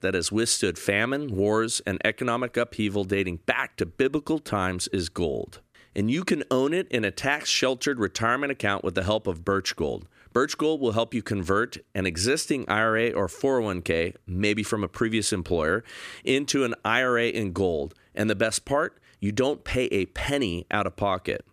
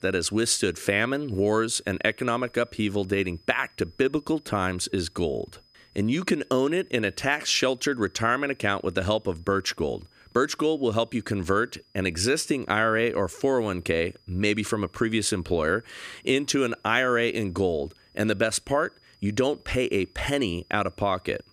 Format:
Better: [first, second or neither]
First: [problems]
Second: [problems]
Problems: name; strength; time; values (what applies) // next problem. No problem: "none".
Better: first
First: none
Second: high-pitched whine; faint; throughout; 5 kHz, 35 dB below the speech